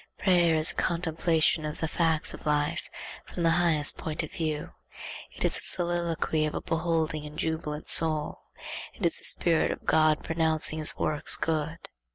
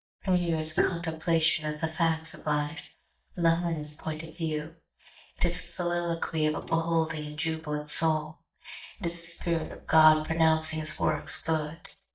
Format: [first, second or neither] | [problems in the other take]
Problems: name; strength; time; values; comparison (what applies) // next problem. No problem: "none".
first | noise reduction (neural mask model DeepFilterNet 3)